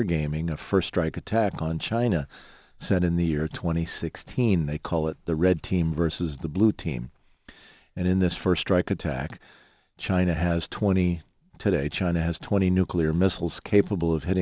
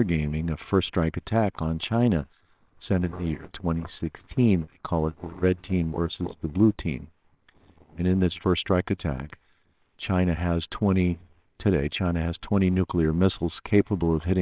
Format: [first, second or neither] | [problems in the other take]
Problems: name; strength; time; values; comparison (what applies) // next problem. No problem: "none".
first | noise reduction (neural separator model SepFormer WHAMR!)